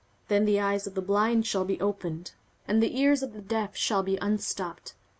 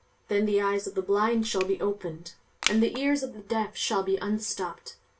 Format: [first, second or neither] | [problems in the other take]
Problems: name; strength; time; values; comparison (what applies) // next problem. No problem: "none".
first | background sound (Crushing); 9 dB below the speech // room echo; dies away in 0.2 s